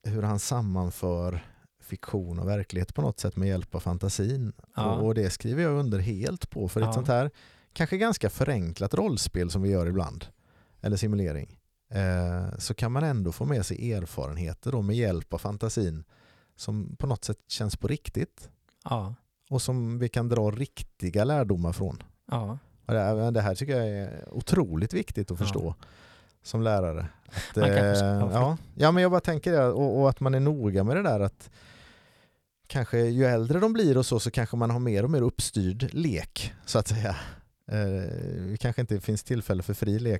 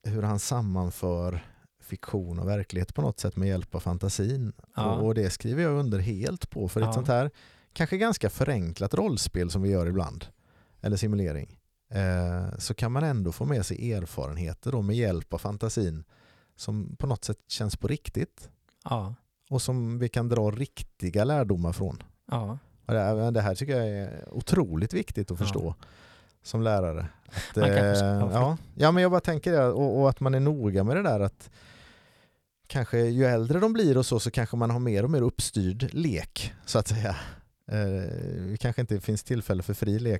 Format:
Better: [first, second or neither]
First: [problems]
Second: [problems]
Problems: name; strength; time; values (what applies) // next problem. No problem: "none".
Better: neither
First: none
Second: none